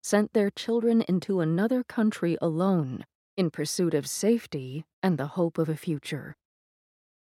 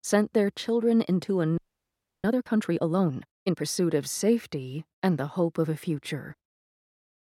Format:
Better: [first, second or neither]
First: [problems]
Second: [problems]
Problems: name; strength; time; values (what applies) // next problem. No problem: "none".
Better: first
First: none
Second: audio freezing; at 1.5 s for 0.5 s